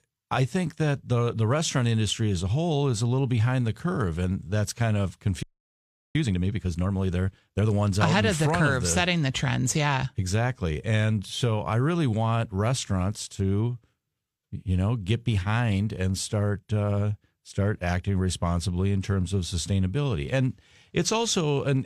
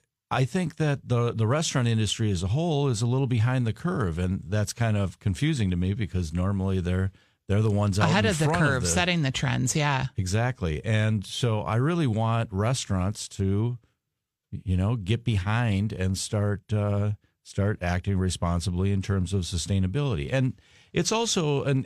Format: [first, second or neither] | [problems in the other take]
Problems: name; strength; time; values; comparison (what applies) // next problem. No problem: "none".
second | audio freezing; at 5.5 s for 0.5 s